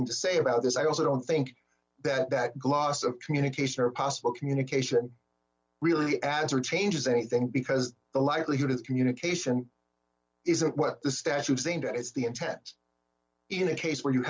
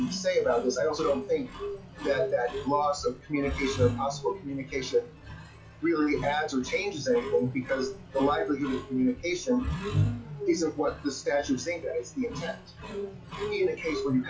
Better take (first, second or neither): first